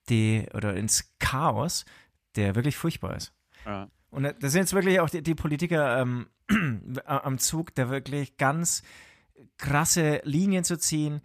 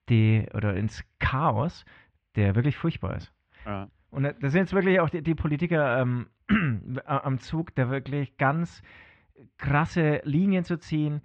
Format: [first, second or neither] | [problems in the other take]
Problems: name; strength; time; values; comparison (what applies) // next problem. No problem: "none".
first | muffled; very; fading above 3 kHz